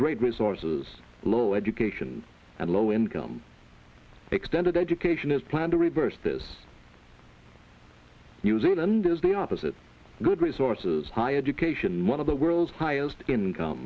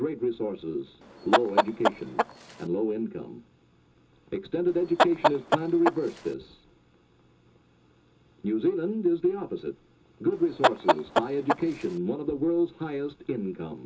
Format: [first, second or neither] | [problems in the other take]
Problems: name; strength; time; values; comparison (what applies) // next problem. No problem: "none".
first | background sound (Chicken, rooster); 3 dB above the speech // room echo; dies away in 0.2 s